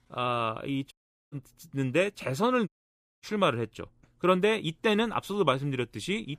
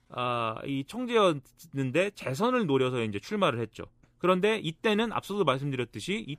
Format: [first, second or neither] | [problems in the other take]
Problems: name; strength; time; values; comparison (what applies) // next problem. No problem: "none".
second | audio cutting out; at 1 s and at 2.5 s for 0.5 s